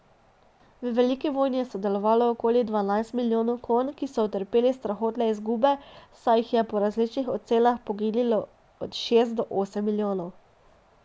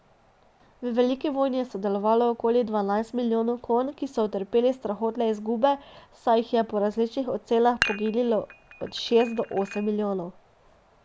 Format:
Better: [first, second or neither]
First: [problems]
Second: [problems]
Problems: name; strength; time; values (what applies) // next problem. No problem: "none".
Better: first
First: none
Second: background sound (Dishes, pots, and pans); 10 dB below the speech